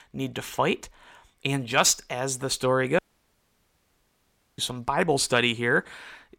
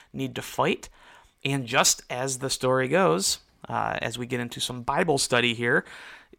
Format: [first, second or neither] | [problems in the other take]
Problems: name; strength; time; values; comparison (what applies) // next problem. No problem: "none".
second | audio cutting out; at 3 s for 1.5 s